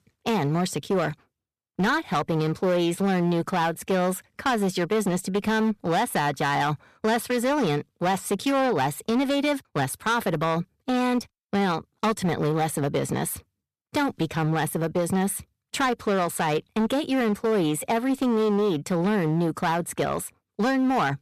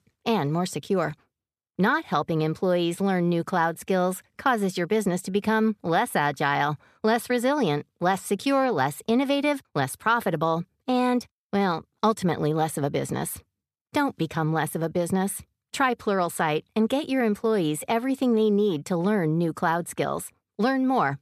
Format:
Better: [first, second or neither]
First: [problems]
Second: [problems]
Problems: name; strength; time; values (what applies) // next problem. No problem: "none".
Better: second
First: distortion; slight; 14% of the sound clipped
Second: none